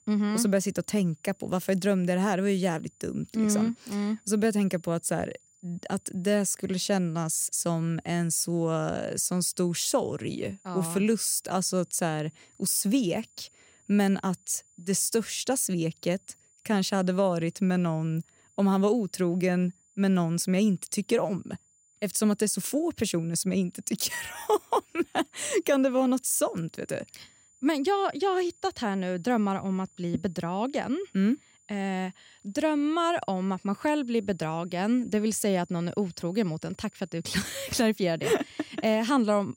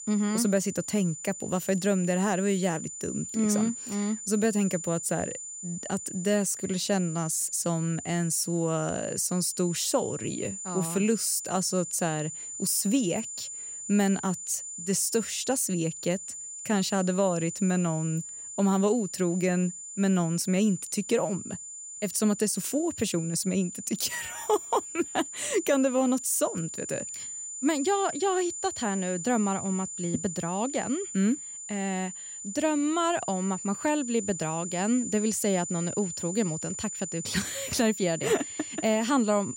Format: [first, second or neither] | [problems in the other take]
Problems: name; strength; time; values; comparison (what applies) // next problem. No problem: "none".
first | high-pitched whine; loud; throughout; 7 kHz, 8 dB below the speech; faint in the first